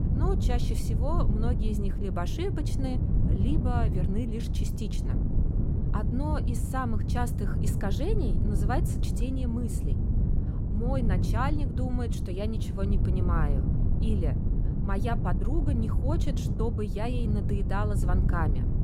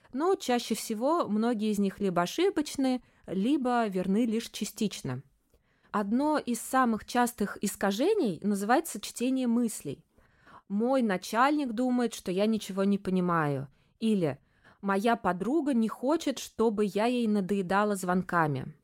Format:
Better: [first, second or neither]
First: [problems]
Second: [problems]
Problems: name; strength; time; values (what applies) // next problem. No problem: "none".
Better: second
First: wind noise on the microphone; heavy; 5 dB below the speech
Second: none